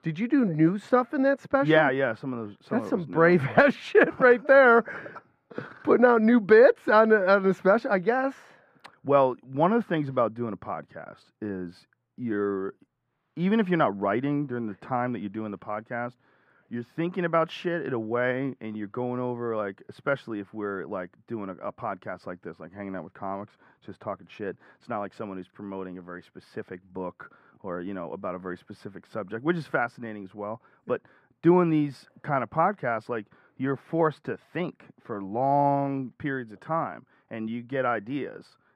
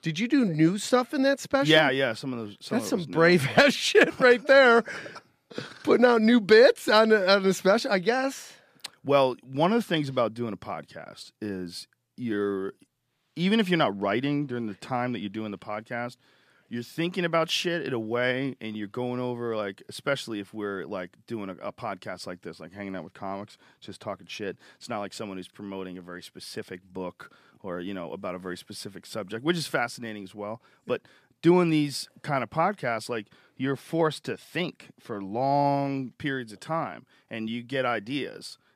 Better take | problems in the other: second | muffled; very; fading above 2.5 kHz

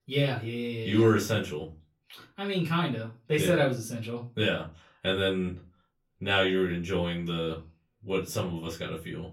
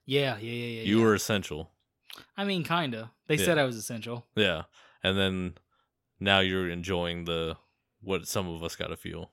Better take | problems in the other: second | off-mic speech; far // room echo; very slight; dies away in 0.2 s

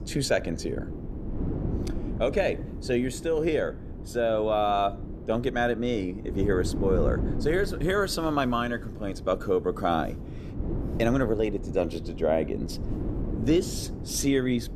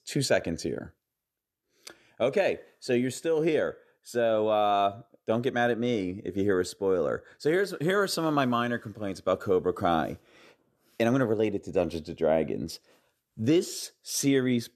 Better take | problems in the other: second | wind noise on the microphone; occasional gusts; 15 dB below the speech

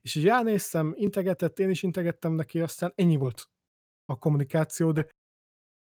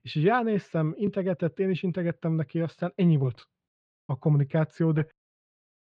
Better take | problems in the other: first | muffled; slightly; fading above 4 kHz

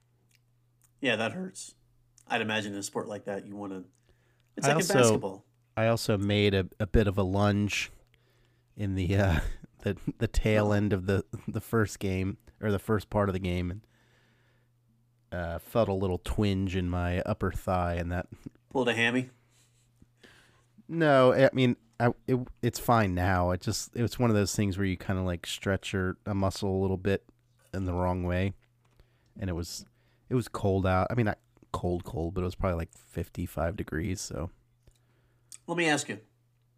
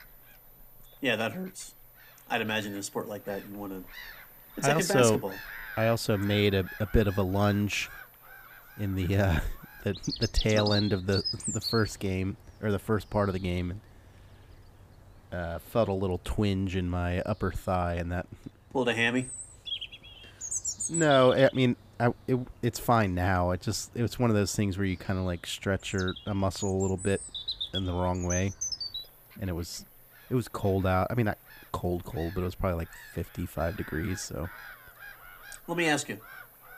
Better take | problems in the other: first | animal sounds; loud; throughout; 9 dB below the speech

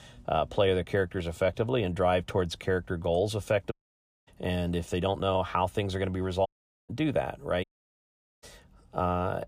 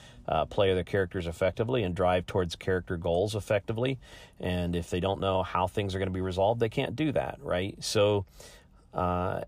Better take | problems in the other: second | audio cutting out; at 3.5 s for 0.5 s, at 6.5 s and at 7.5 s for 1 s

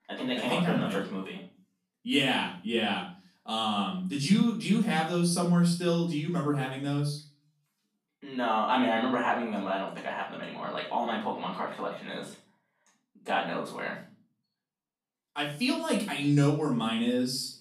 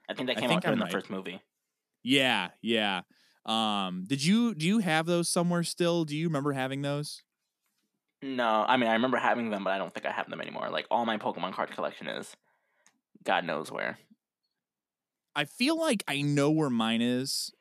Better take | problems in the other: second | off-mic speech; far // room echo; slight; dies away in 0.4 s

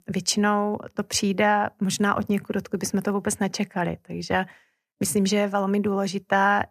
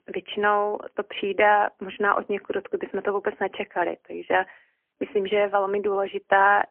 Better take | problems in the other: first | phone-call audio; poor line; nothing above 3 kHz

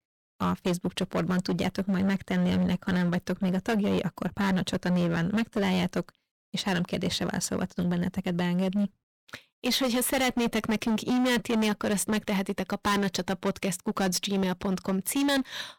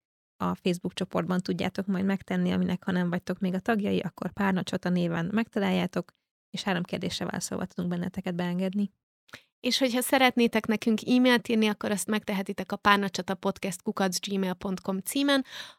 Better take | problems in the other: second | distortion; heavy; 17% of the sound clipped

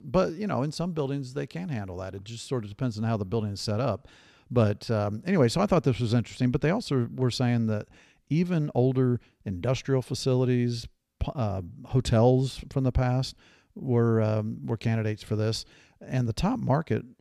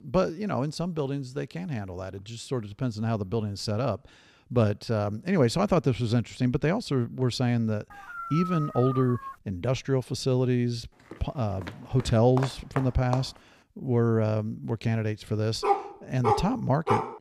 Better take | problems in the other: first | dog barking; noticeable; from 8 to 9.5 s; peak 6 dB below the speech // footsteps; noticeable; from 11 to 13 s; peak 7 dB below the speech // dog barking; loud; from 16 s on; peak 1 dB above the speech

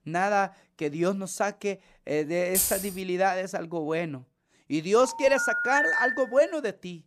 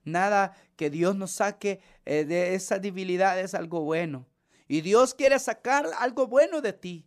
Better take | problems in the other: second | jangling keys; loud; at 2.5 s; peak 3 dB above the speech // phone ringing; loud; from 5 to 6.5 s; peak 4 dB above the speech

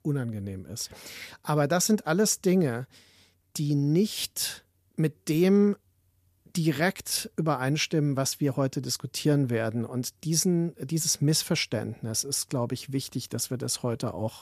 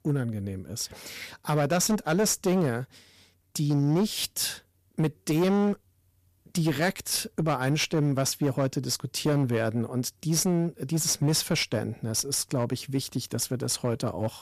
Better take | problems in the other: first | distortion; slight; 9% of the sound clipped

